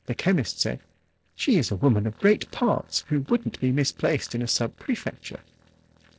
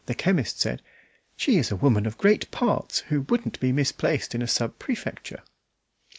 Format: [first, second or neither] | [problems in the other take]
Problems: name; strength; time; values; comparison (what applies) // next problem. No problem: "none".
second | noise reduction (neural separator model SepFormer DNS4)